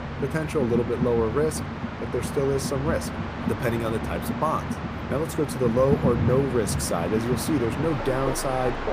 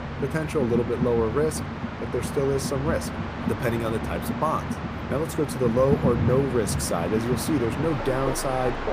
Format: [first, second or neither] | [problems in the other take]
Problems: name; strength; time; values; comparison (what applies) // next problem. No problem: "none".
neither | train or aircraft noise; loud; throughout; 3 dB below the speech; the same in both